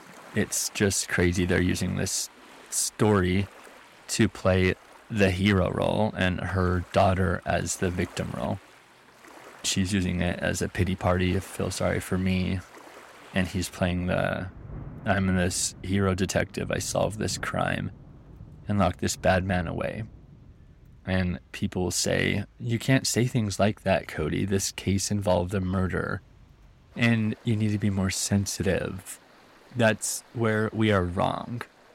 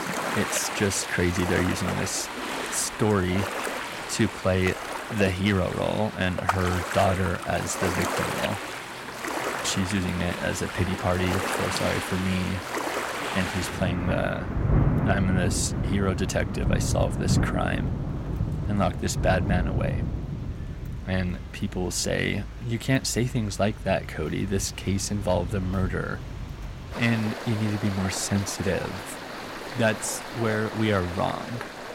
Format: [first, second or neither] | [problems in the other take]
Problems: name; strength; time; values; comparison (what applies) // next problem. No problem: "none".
first | rain or running water; loud; throughout; 4 dB below the speech; faint in the first